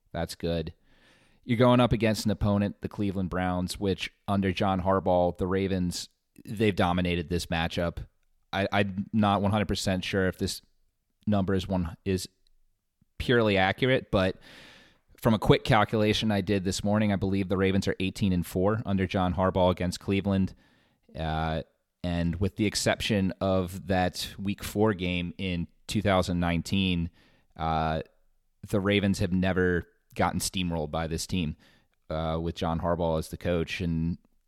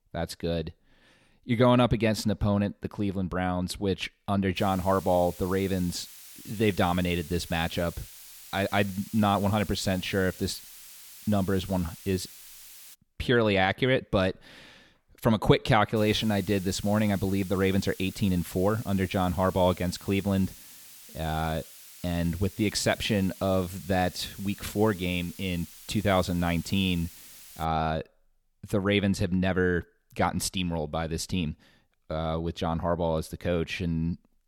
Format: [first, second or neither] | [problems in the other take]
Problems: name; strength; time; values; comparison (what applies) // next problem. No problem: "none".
first | hiss; noticeable; from 4.5 to 13 s and from 16 to 28 s; 15 dB below the speech